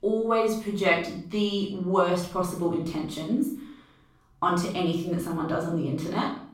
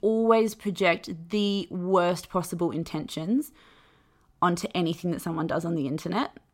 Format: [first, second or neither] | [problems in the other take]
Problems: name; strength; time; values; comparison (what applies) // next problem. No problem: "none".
second | room echo; noticeable; dies away in 0.4 s // off-mic speech; far